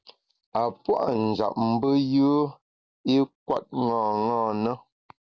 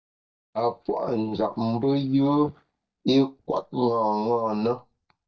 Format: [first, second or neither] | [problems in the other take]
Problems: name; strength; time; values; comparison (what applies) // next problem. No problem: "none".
first | noise reduction (neural mask model DeepFilterNet 3)